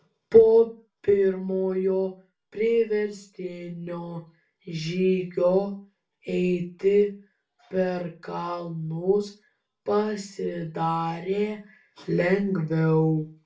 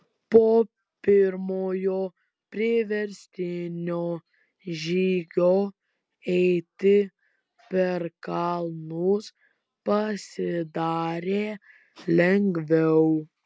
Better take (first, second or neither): second